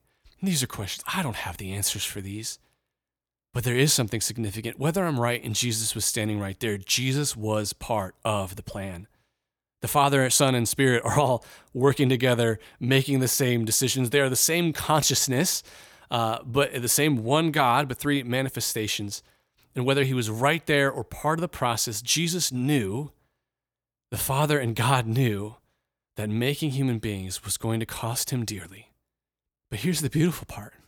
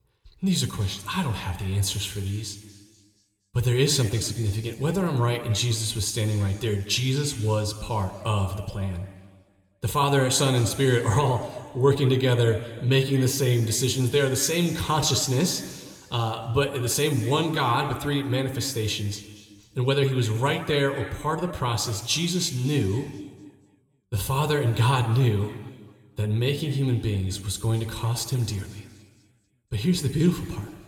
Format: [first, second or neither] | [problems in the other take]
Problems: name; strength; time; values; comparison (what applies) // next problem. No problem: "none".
first | room echo; slight; dies away in 1.8 s